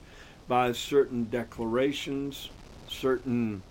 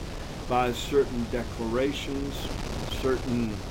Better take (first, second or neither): first